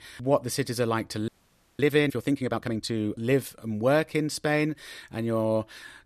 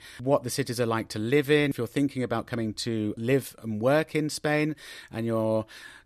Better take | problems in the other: second | audio freezing; at 1.5 s for 0.5 s

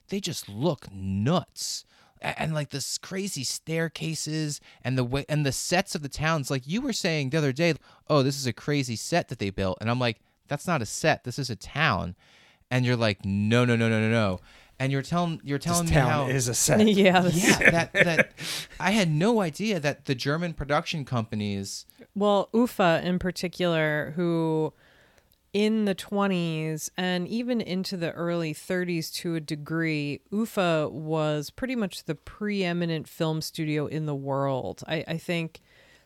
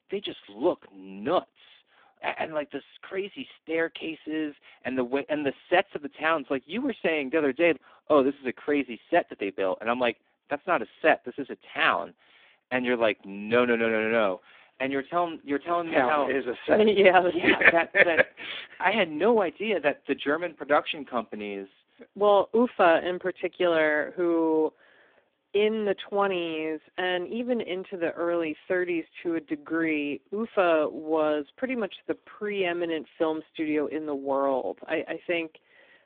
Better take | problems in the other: first | phone-call audio; poor line

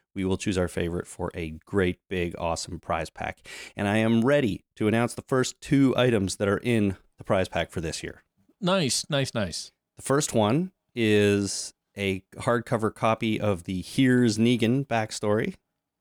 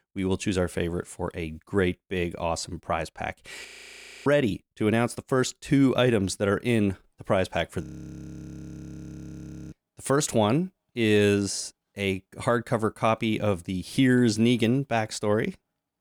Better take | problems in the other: first | audio freezing; at 3.5 s for 0.5 s and at 8 s for 2 s

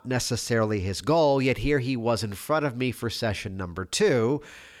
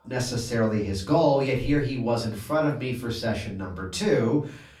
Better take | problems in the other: first | off-mic speech; far // room echo; slight; dies away in 0.4 s

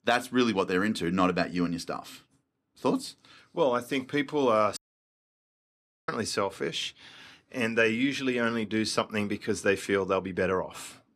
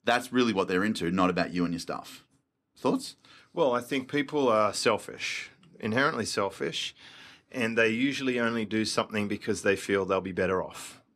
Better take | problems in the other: second | audio cutting out; at 5 s for 1.5 s

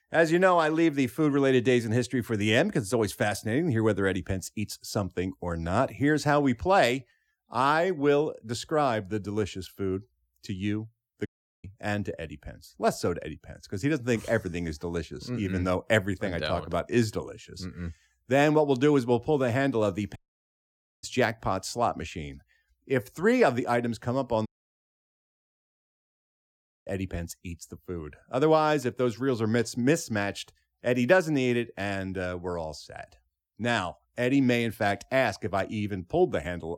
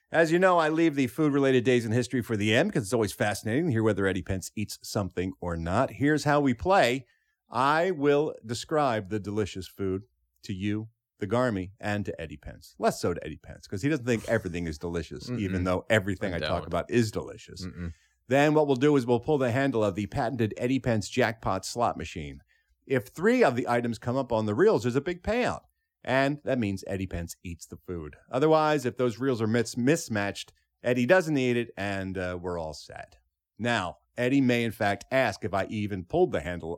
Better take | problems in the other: second | audio cutting out; at 11 s, at 20 s for 1 s and at 24 s for 2.5 s

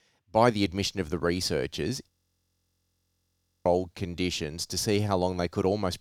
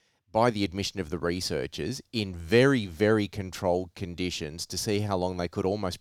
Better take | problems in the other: second | audio freezing; at 2 s for 1.5 s

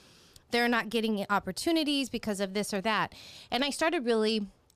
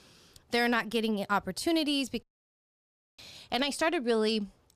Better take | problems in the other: first | audio cutting out; at 2 s for 1 s

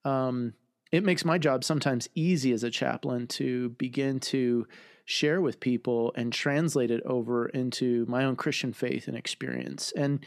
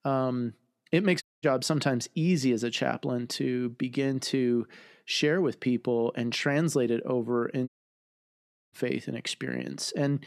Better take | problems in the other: first | audio cutting out; at 1 s and at 7.5 s for 1 s

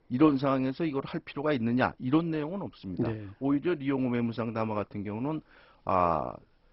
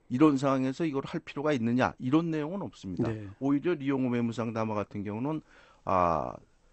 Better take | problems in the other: second | garbled, watery; badly; nothing above 5.5 kHz; slightly in the second

